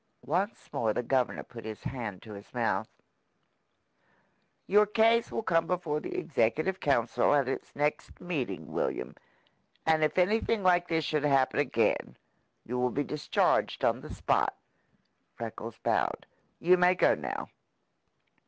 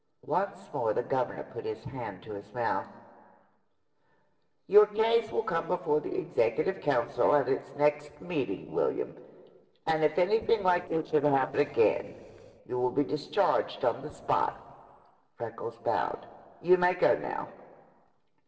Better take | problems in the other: first | noise reduction (neural separator model SepFormer DNS4)

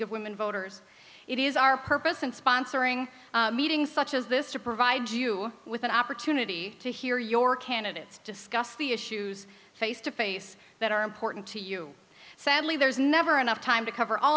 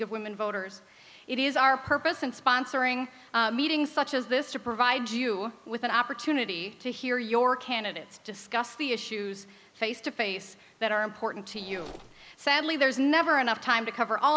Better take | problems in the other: first | background sound (Mechanisms); 19 dB below the speech

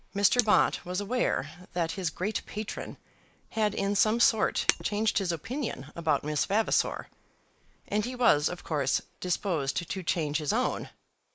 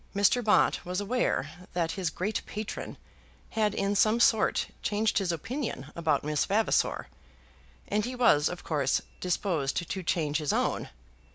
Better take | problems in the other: second | noise reduction (neural mask model Resemble Enhance denoiser)

